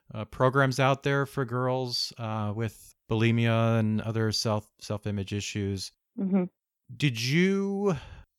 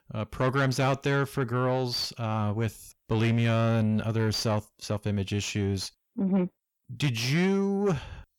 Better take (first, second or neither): first